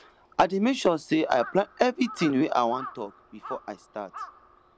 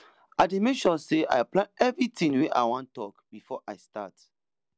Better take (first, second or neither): second